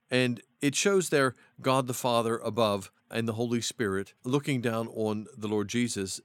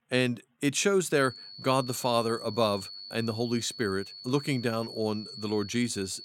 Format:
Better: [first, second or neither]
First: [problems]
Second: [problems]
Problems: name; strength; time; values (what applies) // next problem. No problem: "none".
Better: first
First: none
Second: high-pitched whine; noticeable; from 1 s on; 4.5 kHz, 10 dB below the speech